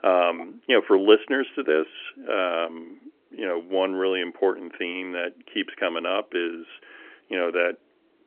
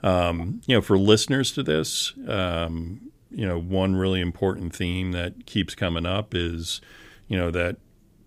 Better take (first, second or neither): second